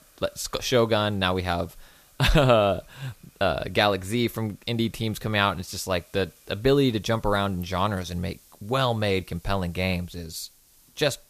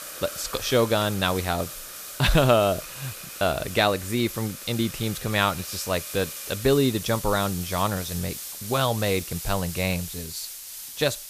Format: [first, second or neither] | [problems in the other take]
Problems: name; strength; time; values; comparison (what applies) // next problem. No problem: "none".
first | hiss; loud; throughout; 10 dB below the speech; faint in the first